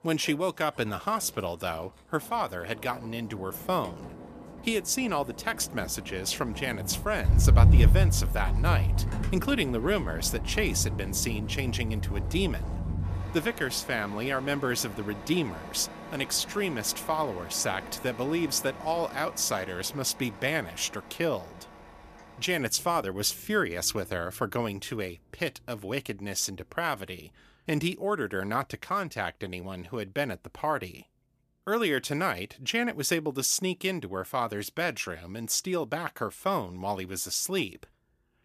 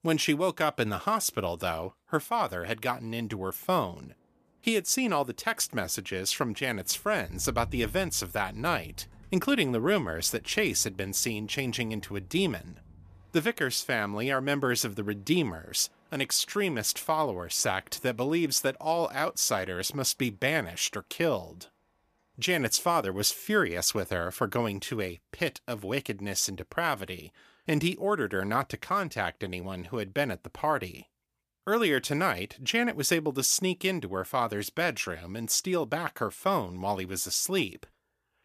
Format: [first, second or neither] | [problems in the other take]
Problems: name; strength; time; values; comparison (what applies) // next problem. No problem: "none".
second | traffic noise; loud; throughout; 1 dB below the speech; faint in the second